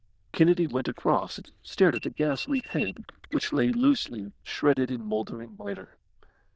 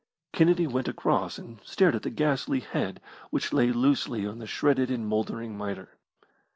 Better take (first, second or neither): second